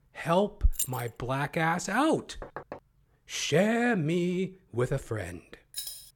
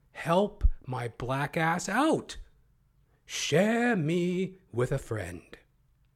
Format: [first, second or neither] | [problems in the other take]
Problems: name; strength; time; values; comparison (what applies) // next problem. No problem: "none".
second | jangling keys; noticeable; at 1 s and at 5.5 s; peak 3 dB below the speech // door banging; faint; at 2.5 s; peak 15 dB below the speech